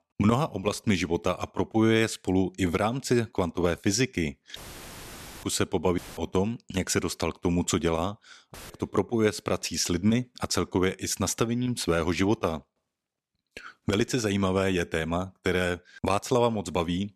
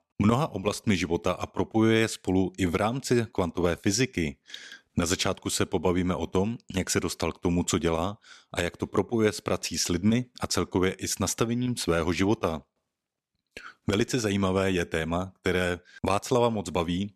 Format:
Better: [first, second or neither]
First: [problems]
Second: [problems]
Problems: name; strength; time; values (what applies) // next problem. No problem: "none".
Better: second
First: audio cutting out; filled with static; at 4.5 s for 1 s, at 6 s and at 8.5 s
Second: none